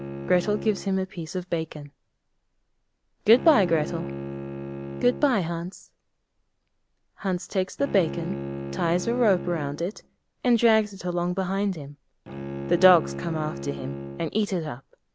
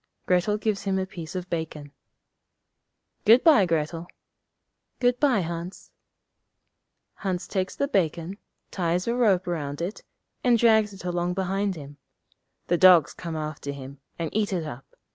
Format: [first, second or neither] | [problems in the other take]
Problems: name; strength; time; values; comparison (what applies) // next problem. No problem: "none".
second | background sound (Bowed string instrument); 10 dB below the speech